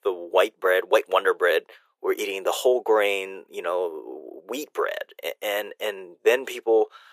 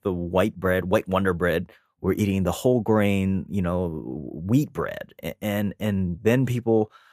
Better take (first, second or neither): second